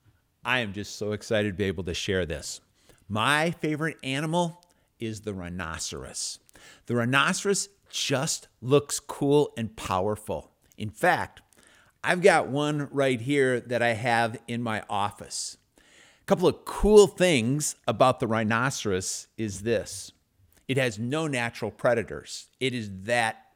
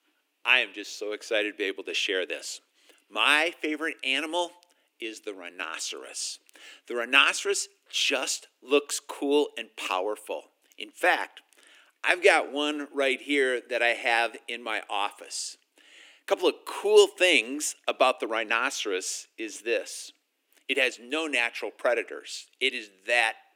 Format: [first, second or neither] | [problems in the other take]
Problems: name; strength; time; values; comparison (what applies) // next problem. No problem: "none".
first | thin; somewhat; fading below 300 Hz